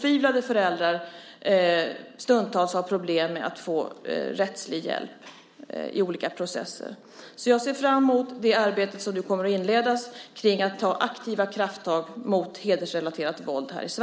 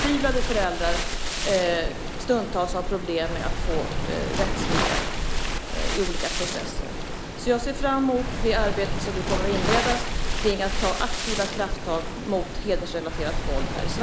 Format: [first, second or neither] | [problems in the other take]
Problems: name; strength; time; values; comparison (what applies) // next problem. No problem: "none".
first | background sound (Waves, surf); 1 dB above the speech